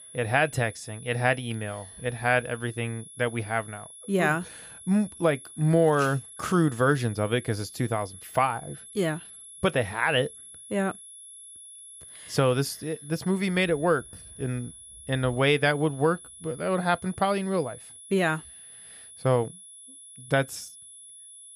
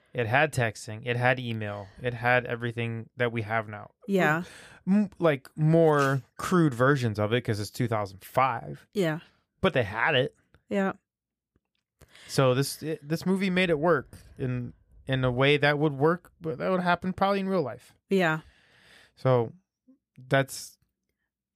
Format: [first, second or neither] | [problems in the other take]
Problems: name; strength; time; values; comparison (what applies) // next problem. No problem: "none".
second | high-pitched whine; noticeable; throughout; 11 kHz, 15 dB below the speech